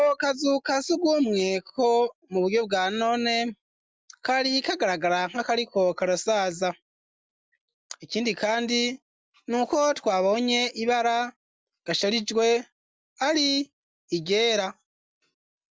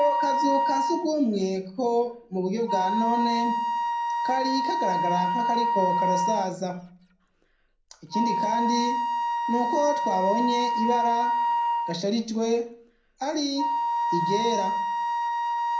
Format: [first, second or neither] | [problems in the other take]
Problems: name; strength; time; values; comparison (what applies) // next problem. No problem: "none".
first | background sound (Wind instrument, woodwind instrument); 1 dB above the speech // room echo; dies away in 0.6 s